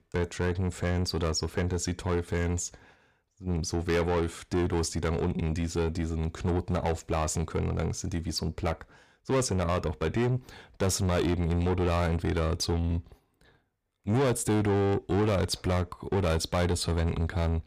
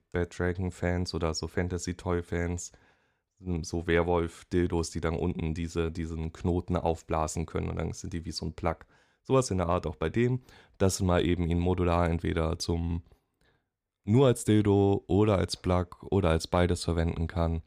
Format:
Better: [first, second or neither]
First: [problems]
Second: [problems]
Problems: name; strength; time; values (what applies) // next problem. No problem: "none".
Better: second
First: distortion; heavy; 8 dB below the speech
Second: none